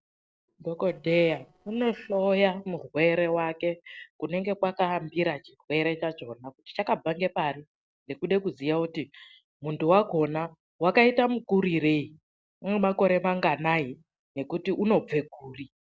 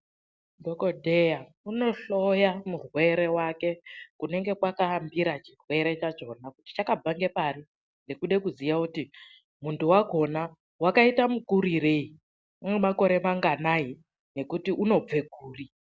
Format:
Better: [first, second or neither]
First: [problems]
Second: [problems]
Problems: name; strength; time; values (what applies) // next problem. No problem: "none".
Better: second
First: noise reduction (neural separator model SepFormer DNS4)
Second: none